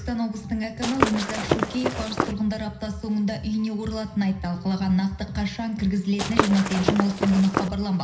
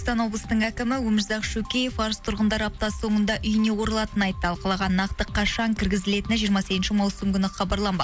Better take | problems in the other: second | background sound (Walk, footsteps / Run); 1 dB below the speech // room echo; dies away in 0.5 s

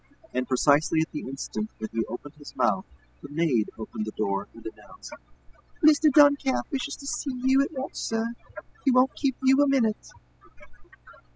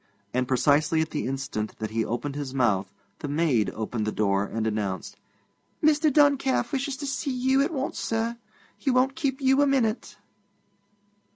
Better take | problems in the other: second | noise reduction (classical method spectral subtraction)

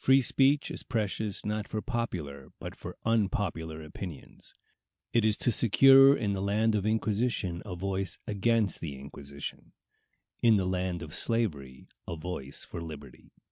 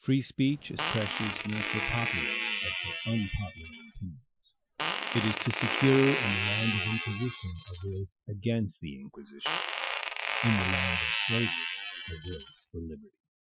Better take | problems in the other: first | noise reduction (classical method Wiener filter)

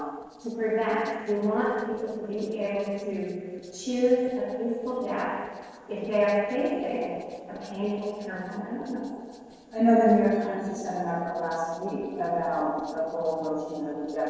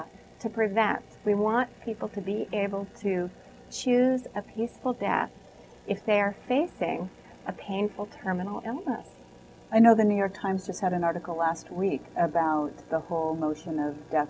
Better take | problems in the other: second | noise reduction (neural separator model SepFormer DNS4)

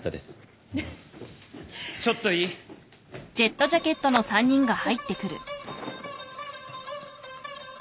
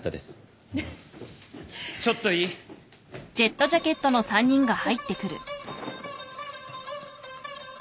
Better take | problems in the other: second | background sound (Fire); 17 dB below the speech

